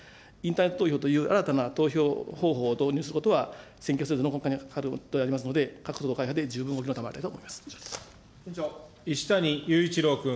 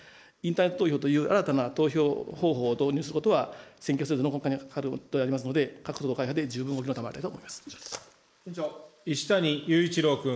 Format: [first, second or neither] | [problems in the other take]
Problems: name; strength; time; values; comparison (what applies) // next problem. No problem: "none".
first | noise reduction (neural mask model Resemble Enhance denoiser)